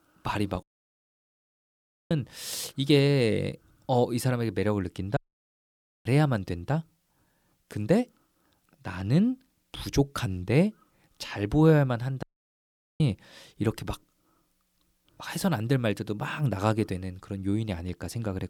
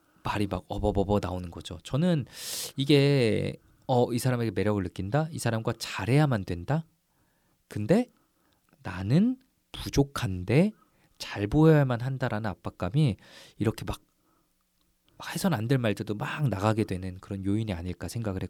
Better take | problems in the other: second | audio cutting out; at 0.5 s for 1.5 s, at 5 s for 1 s and at 12 s for 1 s

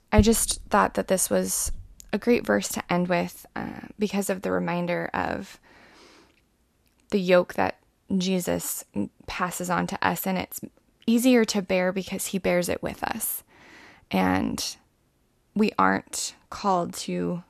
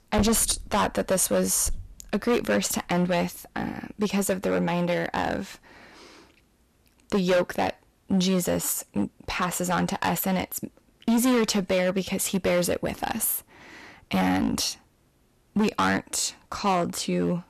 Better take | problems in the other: first | distortion; heavy; 8% of the sound clipped

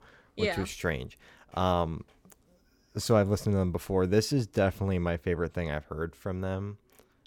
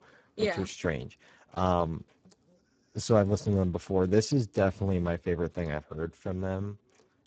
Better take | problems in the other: first | garbled, watery; badly; nothing above 7.5 kHz

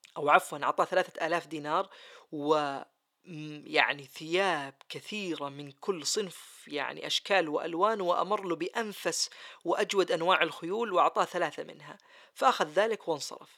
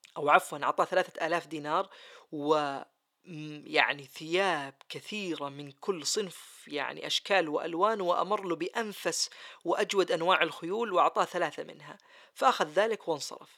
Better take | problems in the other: neither | thin; very; fading below 450 Hz; the same in both

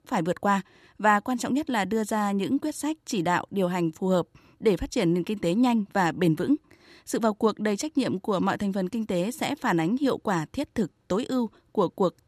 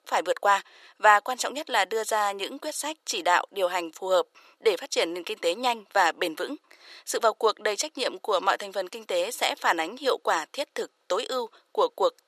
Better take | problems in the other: first | thin; very; fading below 500 Hz

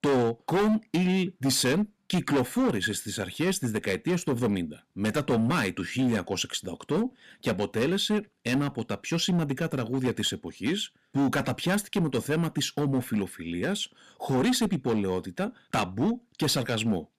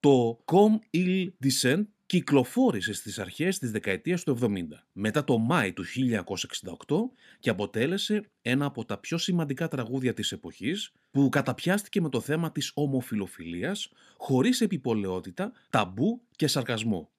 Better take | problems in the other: second | distortion; heavy; 10% of the sound clipped

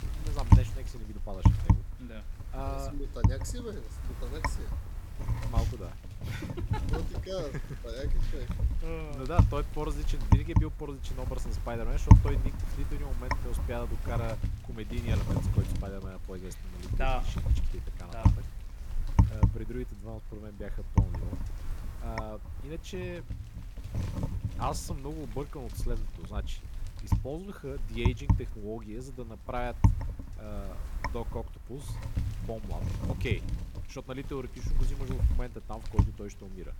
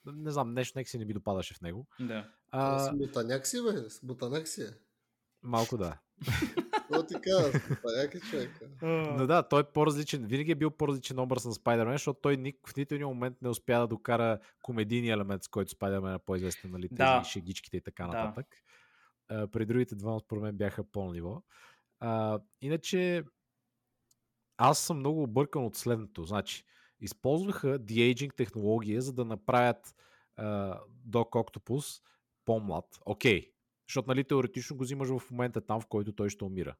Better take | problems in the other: second | wind noise on the microphone; heavy; as loud as the speech

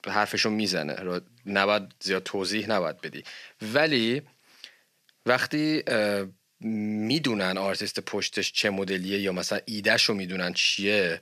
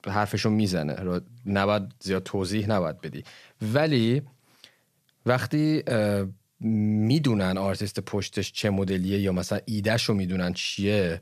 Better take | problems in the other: second | thin; very slightly; fading below 250 Hz

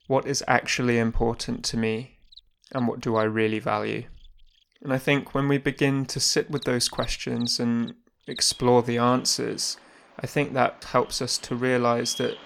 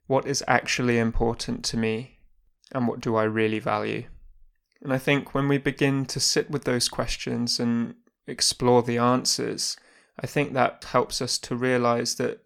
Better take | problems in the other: second | animal sounds; faint; throughout; 20 dB below the speech

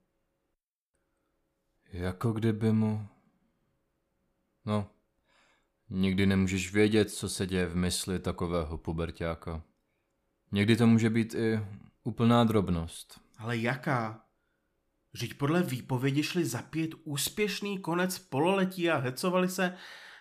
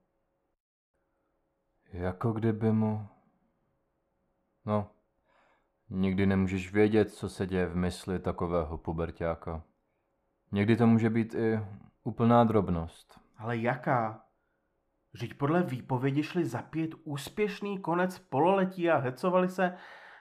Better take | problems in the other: first | muffled; very; fading above 3 kHz

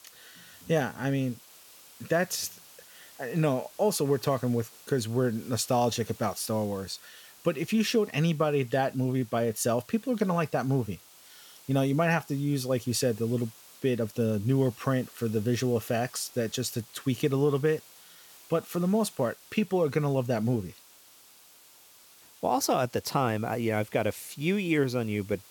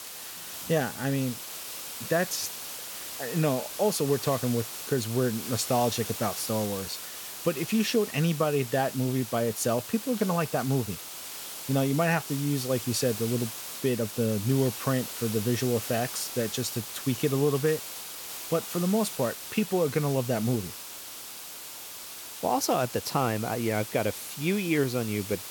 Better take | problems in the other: first | hiss; loud; throughout; 8 dB below the speech; faint in the first

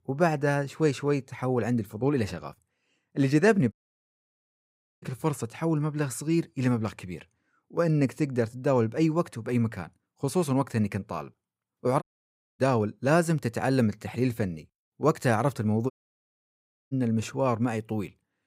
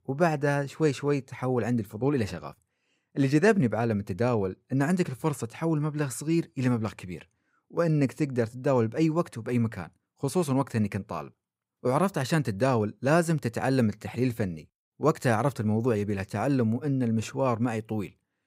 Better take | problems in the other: second | audio cutting out; at 3.5 s for 1.5 s, at 12 s for 0.5 s and at 16 s for 1 s

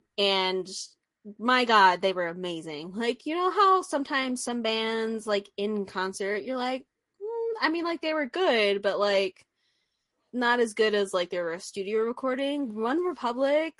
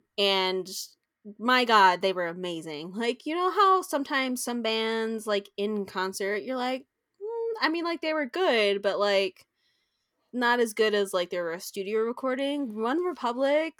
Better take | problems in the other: second | garbled, watery; slightly; nothing above 11 kHz

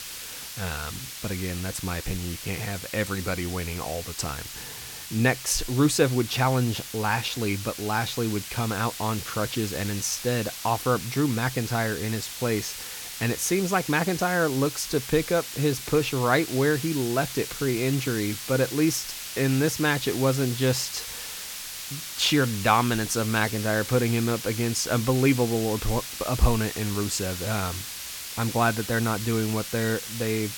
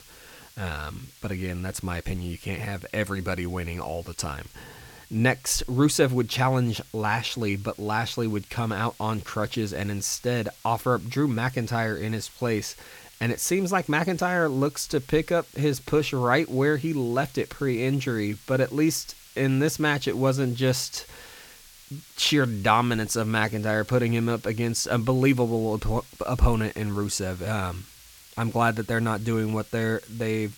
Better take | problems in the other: second | hiss; loud; throughout; 8 dB below the speech; faint in the second

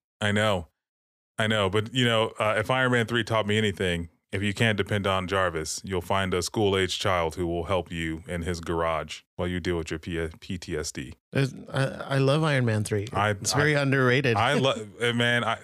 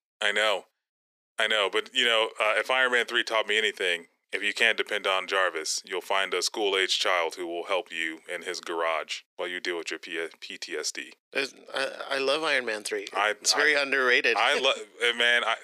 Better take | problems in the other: first | thin; very; fading below 350 Hz

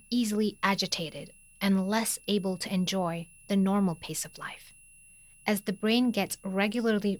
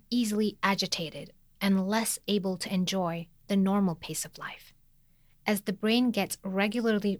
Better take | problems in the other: second | high-pitched whine; faint; throughout; 10.5 kHz, 25 dB below the speech

